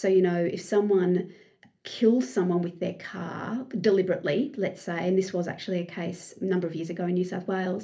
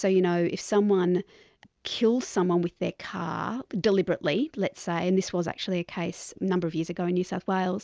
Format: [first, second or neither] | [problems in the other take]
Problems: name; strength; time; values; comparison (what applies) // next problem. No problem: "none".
second | room echo; dies away in 0.3 s